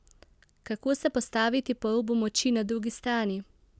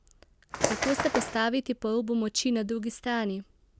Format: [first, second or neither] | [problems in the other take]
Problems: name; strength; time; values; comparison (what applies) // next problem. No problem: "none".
first | background sound (Bird); as loud as the speech